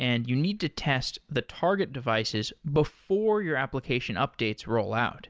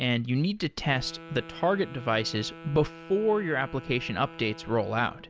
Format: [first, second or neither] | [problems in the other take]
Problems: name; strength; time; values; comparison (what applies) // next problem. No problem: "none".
first | background sound (Wind instrument, woodwind instrument); 17 dB below the speech